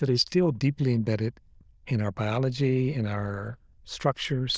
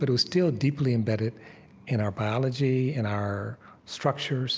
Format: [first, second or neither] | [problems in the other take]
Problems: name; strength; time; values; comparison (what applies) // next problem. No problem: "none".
second | noise reduction (neural diffusion model UNIVERSE++)